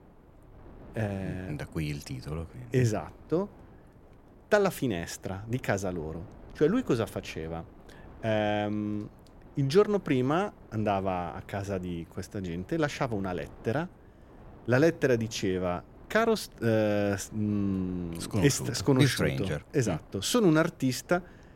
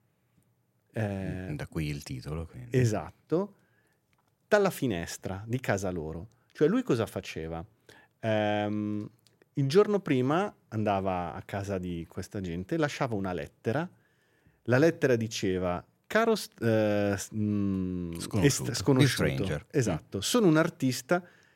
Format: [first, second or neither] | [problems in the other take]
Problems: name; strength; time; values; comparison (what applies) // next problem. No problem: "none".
second | wind noise on the microphone; occasional gusts; 25 dB below the speech